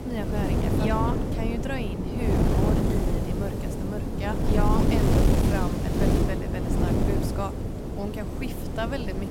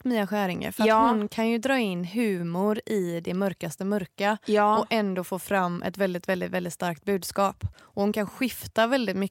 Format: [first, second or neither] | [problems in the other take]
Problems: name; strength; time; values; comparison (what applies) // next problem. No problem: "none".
second | wind noise on the microphone; heavy; 2 dB above the speech